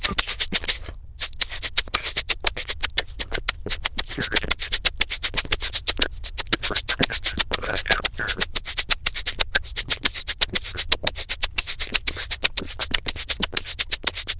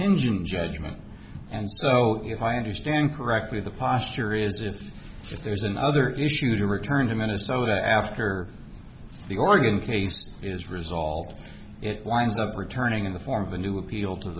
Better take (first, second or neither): second